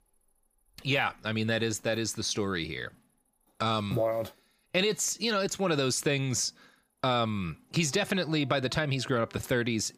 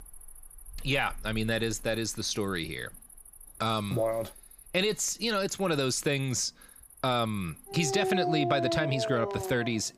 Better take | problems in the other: first | animal sounds; loud; throughout; 5 dB below the speech; faint in the first

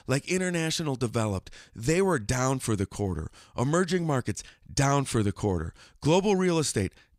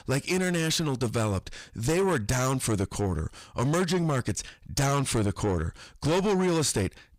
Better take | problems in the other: first | distortion; heavy; 7 dB below the speech

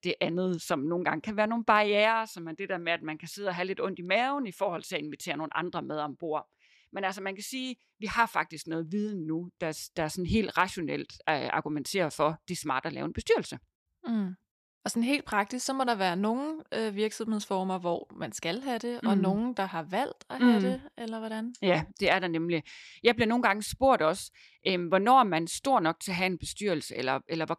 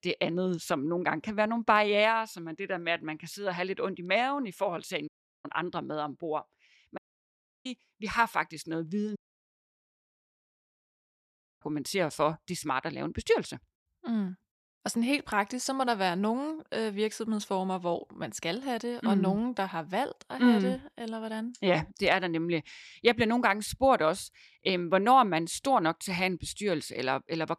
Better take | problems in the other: first | audio cutting out; at 5 s, at 7 s for 0.5 s and at 9 s for 2.5 s

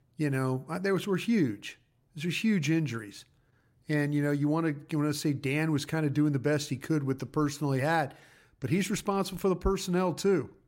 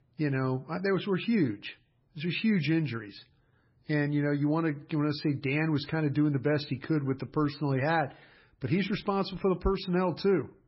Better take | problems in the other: first | garbled, watery; badly; nothing above 5.5 kHz

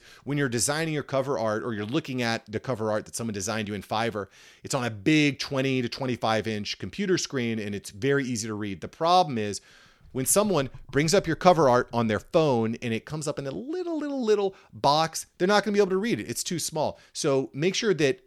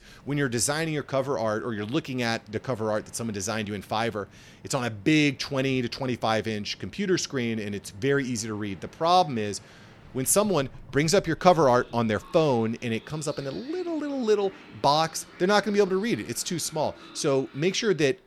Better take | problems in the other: first | train or aircraft noise; faint; throughout; 25 dB below the speech

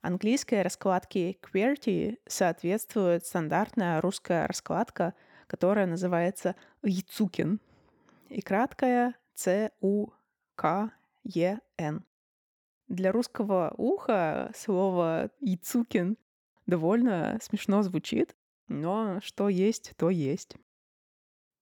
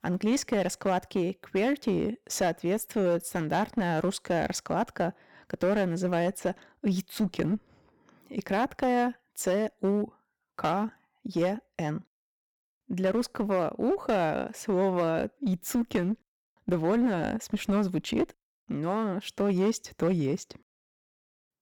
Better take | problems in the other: first | distortion; slight; 7% of the sound clipped

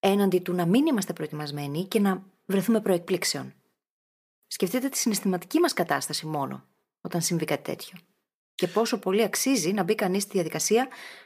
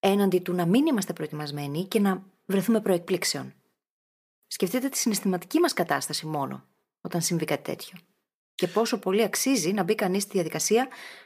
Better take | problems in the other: neither | none

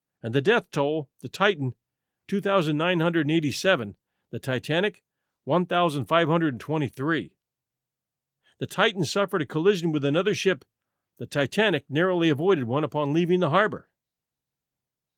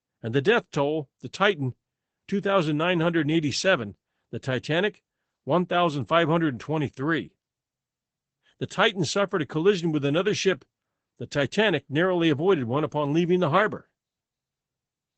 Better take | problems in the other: first | garbled, watery; badly; nothing above 8 kHz; slightly in the first

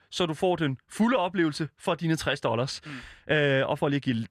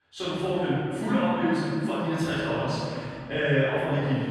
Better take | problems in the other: first | room echo; strong; dies away in 2.2 s // off-mic speech; far

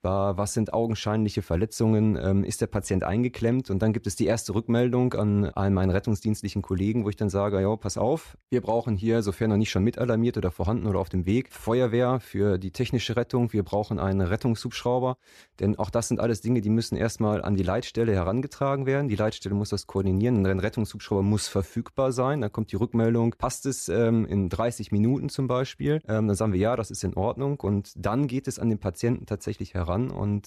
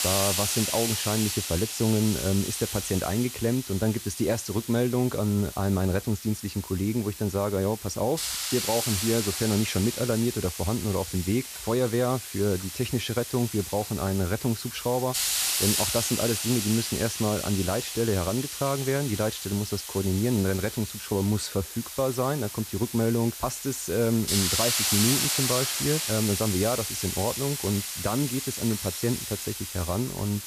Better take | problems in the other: first | hiss; loud; throughout; 2 dB below the speech

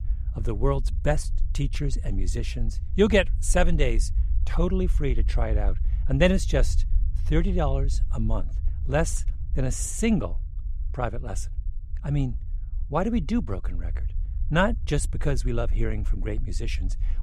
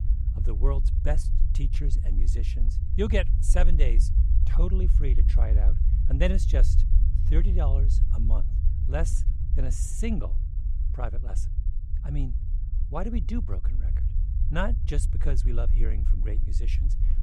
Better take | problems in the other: first | low rumble; loud; throughout; 10 dB below the speech; faint in the first

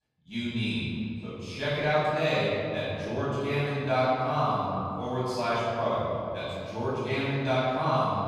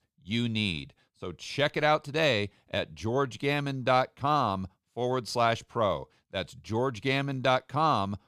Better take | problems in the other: second | off-mic speech; far // room echo; strong; dies away in 2.4 s

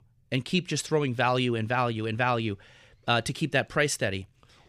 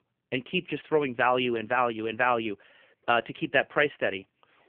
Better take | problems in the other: first | phone-call audio; poor line; nothing above 3 kHz

